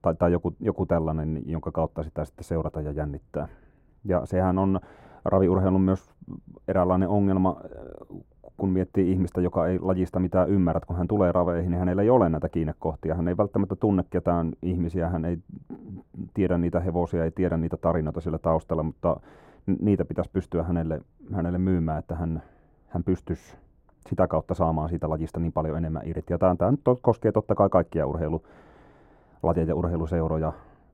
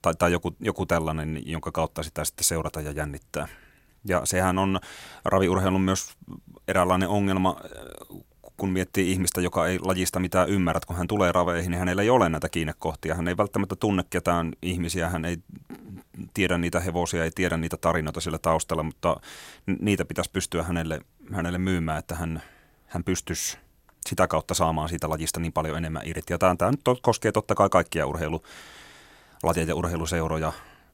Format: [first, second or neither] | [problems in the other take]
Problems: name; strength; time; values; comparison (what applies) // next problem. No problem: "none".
second | muffled; very; fading above 2 kHz